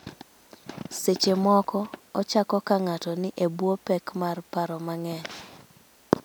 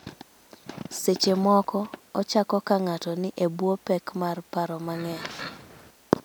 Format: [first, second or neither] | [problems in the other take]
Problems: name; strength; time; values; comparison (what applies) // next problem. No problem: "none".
first | background sound (Livestock, farm animals, working animals); 14 dB below the speech